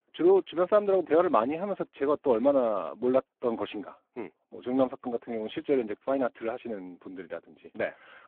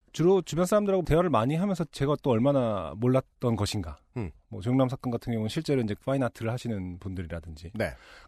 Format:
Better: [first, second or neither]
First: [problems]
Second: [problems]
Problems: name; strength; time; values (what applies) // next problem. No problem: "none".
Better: second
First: phone-call audio; poor line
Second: none